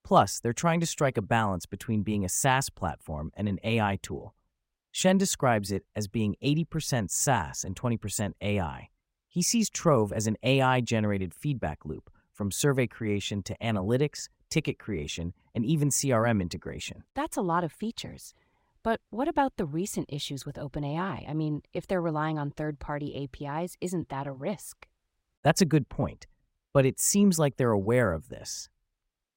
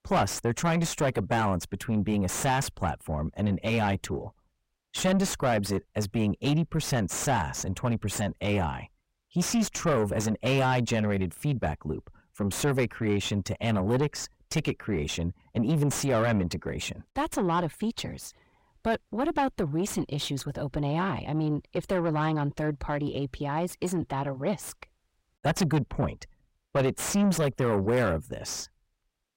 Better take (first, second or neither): first